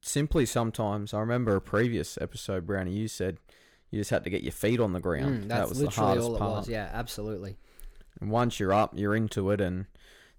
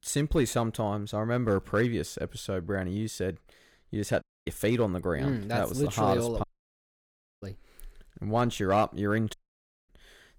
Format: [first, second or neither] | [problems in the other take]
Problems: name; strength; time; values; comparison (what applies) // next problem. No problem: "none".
first | audio cutting out; at 4 s, at 6.5 s for 1 s and at 9.5 s for 0.5 s